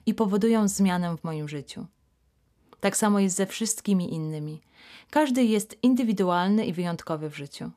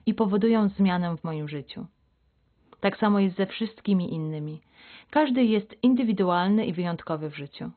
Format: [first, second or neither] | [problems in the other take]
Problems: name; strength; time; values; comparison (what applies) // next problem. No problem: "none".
first | garbled, watery; badly; nothing above 4 kHz